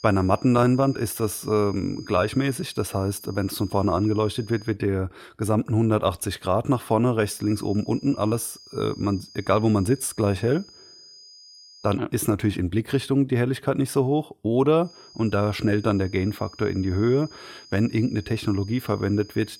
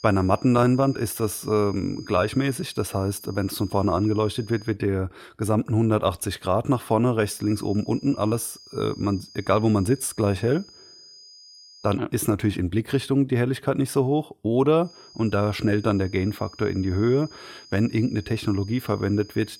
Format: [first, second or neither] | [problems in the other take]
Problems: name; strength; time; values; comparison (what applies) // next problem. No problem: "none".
neither | high-pitched whine; faint; until 4.5 s, from 7.5 to 12 s and from 15 s on; 5 kHz, 20 dB below the speech; the same in both